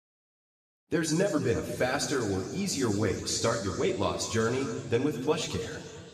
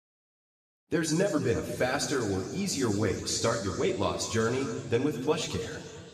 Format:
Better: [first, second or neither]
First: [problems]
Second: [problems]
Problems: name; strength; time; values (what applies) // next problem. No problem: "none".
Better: neither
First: room echo; noticeable; dies away in 2.1 s // off-mic speech; far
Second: room echo; noticeable; dies away in 2.1 s // off-mic speech; far